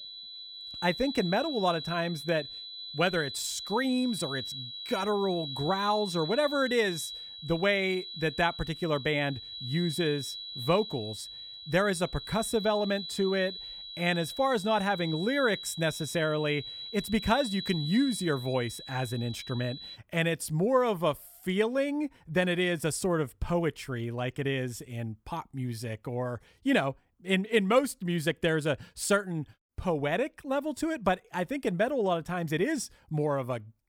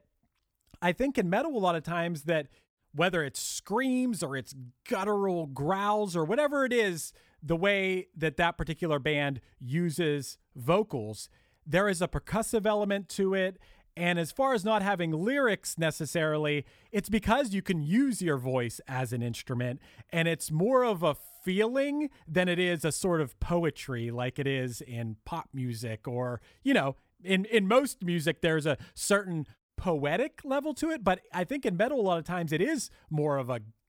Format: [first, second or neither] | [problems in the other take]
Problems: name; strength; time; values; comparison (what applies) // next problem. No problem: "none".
second | high-pitched whine; loud; until 20 s; 4 kHz, 9 dB below the speech